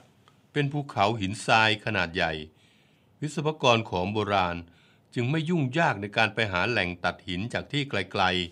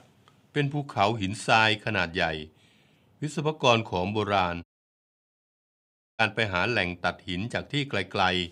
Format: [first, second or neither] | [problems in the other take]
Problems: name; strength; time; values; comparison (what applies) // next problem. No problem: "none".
first | audio cutting out; at 4.5 s for 1.5 s